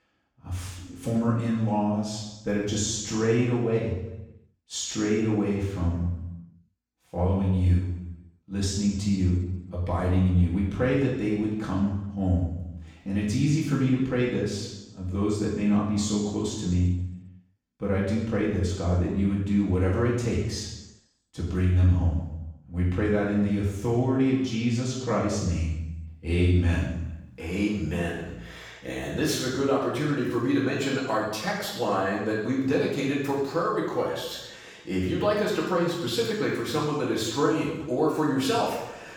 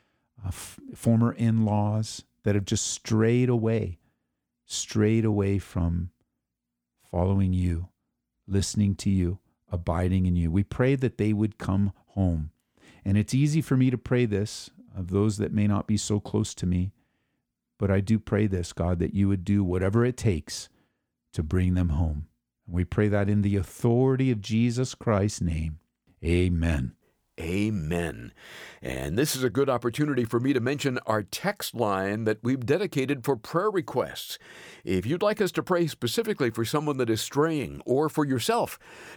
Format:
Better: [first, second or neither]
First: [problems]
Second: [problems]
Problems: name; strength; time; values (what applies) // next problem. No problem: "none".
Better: second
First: room echo; strong; dies away in 0.9 s // off-mic speech; far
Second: none